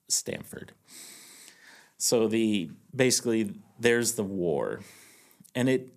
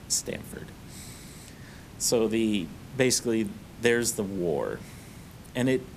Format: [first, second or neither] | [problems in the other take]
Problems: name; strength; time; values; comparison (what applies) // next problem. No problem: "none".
first | hiss; noticeable; throughout; 20 dB below the speech